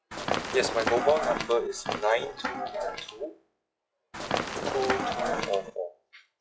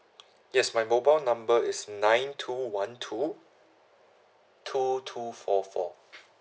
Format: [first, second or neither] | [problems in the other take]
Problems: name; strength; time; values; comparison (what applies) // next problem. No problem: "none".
second | noise reduction (classical method log-MMSE)